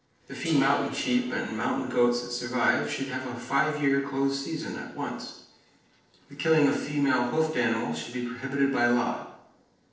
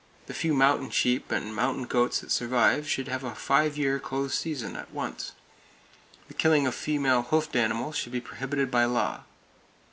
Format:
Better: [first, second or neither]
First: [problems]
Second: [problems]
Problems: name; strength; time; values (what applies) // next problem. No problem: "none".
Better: second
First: noise reduction (neural separator model SepFormer DNS4)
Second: none